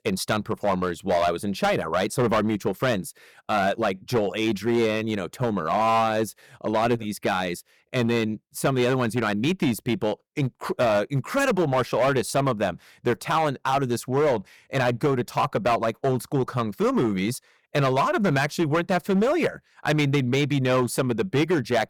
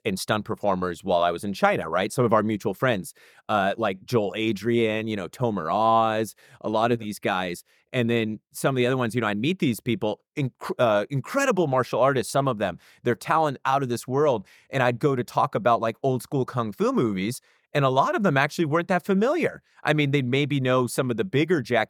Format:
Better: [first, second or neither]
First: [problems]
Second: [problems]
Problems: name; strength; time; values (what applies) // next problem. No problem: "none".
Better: second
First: distortion; slight; 8% of the sound clipped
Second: none